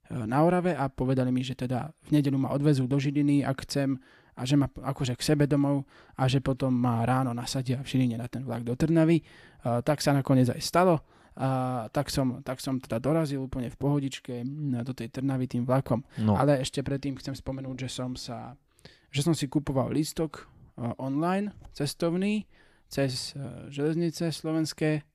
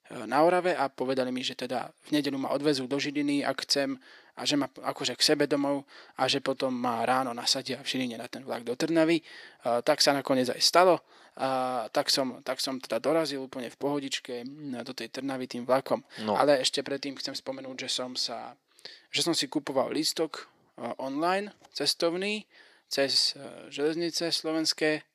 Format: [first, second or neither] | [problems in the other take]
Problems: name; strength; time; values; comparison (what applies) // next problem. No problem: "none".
first | thin; somewhat; fading below 450 Hz